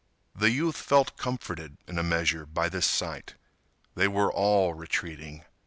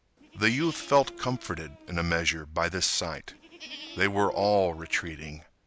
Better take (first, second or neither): first